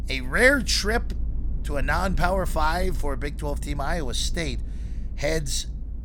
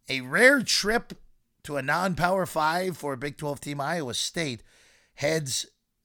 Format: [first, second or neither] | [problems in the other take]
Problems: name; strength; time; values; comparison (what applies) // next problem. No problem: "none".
second | low rumble; faint; throughout; 25 dB below the speech